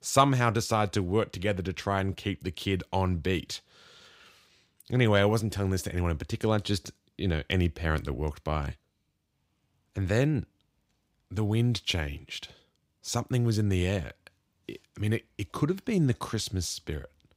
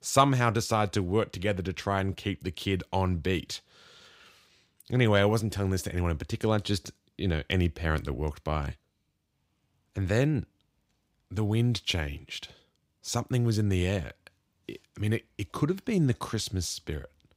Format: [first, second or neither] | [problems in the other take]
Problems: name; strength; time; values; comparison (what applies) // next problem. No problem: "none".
neither | none